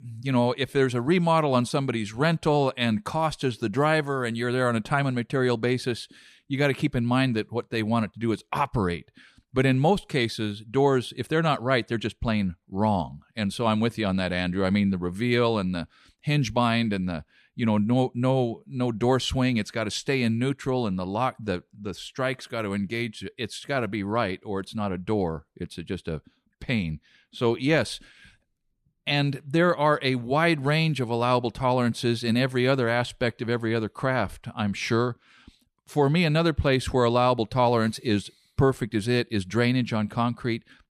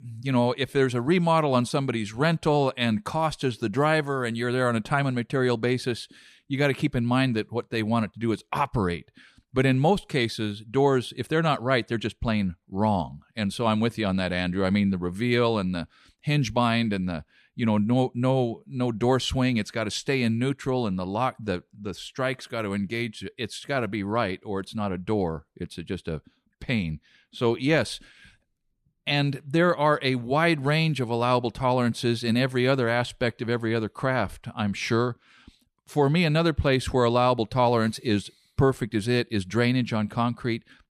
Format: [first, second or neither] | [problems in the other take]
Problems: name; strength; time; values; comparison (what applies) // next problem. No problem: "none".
neither | none